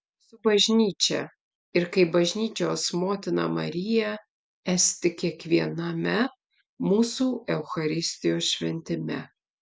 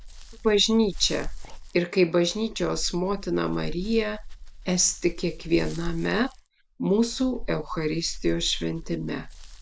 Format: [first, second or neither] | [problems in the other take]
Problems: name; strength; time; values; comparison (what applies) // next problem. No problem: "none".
first | background sound (Dog); 9 dB below the speech